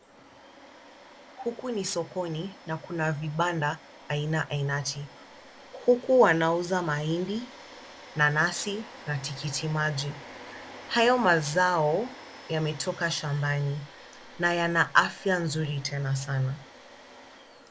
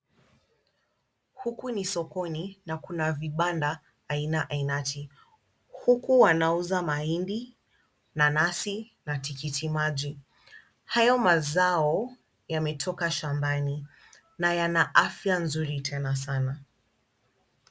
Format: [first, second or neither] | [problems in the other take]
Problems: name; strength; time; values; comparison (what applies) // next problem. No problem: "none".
second | background sound (Domestic sounds, home sounds); 19 dB below the speech